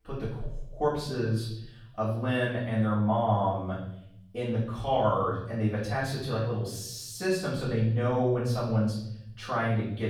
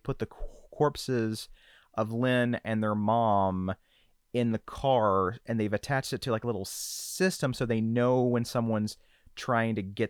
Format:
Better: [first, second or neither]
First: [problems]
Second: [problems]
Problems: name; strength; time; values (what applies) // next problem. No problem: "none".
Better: second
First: room echo; noticeable; dies away in 0.9 s // off-mic speech; far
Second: none